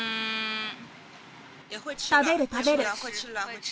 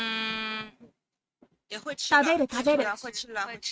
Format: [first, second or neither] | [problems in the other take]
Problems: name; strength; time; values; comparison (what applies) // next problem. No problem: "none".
first | noise reduction (neural mask model RNNoise)